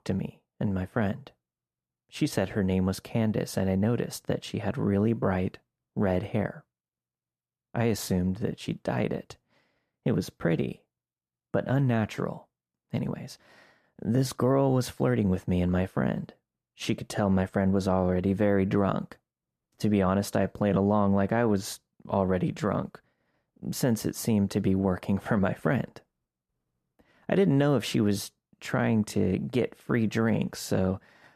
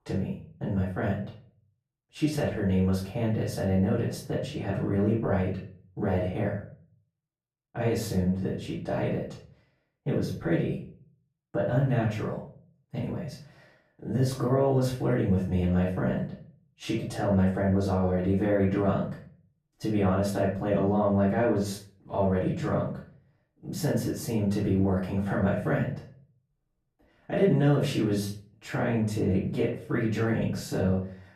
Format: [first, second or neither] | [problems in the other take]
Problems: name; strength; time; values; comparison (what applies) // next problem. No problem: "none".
first | off-mic speech; far // room echo; slight; dies away in 0.4 s